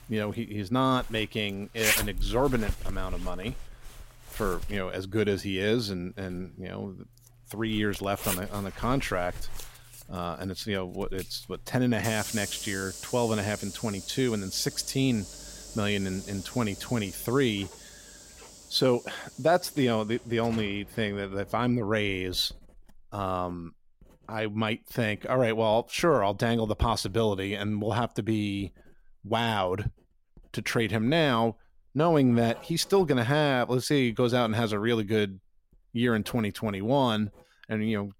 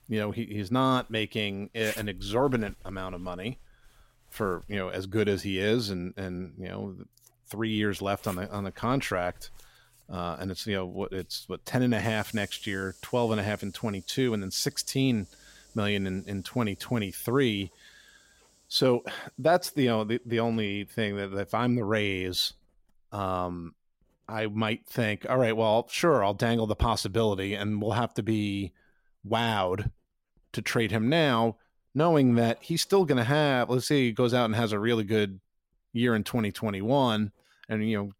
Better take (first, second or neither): second